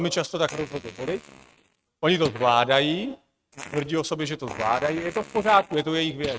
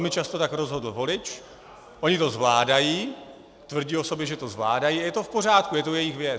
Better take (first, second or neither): second